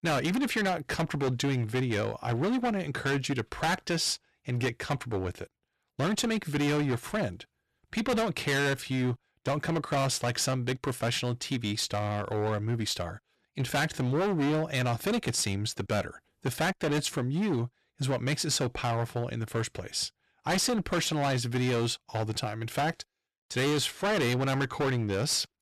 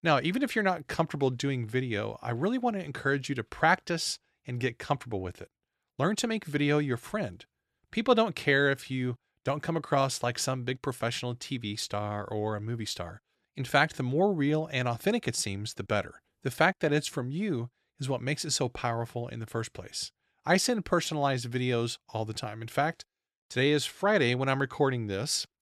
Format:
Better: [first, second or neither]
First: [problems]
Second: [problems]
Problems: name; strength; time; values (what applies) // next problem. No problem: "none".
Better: second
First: distortion; heavy; 17% of the sound clipped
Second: none